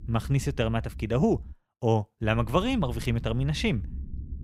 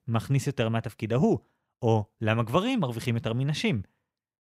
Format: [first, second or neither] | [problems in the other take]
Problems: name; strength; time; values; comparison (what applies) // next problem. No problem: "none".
second | low rumble; faint; until 1.5 s and from 2 s on; 25 dB below the speech